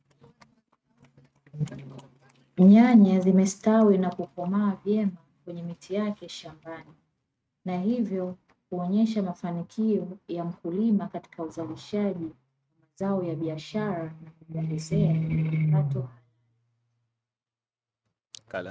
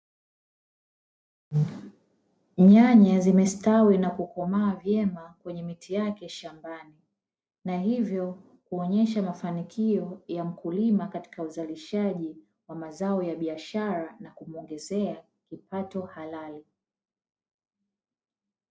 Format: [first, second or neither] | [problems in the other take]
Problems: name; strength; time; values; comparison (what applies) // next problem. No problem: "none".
second | noise reduction (neural mask model RNNoise)